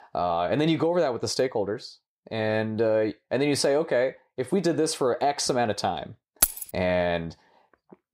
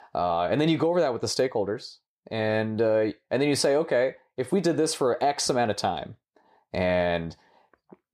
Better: second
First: jangling keys; loud; at 6.5 s; peak 3 dB above the speech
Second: none

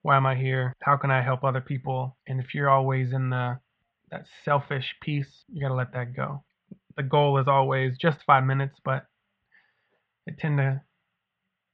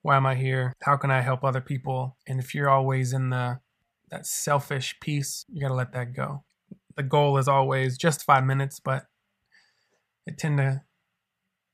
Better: second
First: muffled; very; fading above 3.5 kHz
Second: none

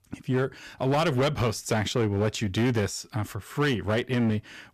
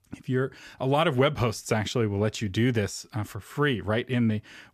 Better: second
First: distortion; slight; 14% of the sound clipped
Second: none

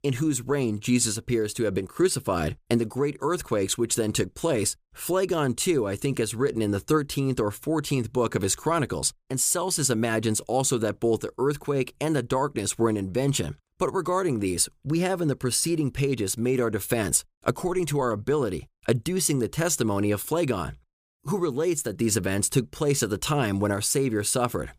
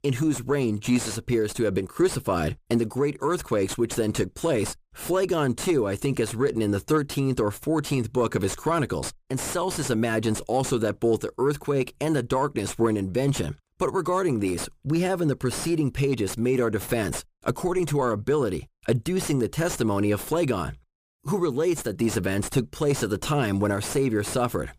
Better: first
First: none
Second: distortion; slight; 9 dB below the speech

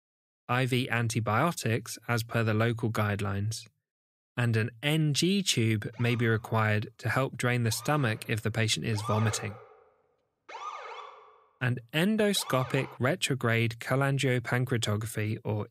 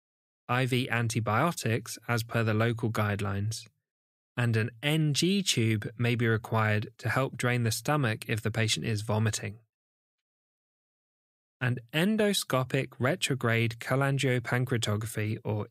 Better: second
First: siren; noticeable; from 6 to 13 s; peak 8 dB below the speech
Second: none

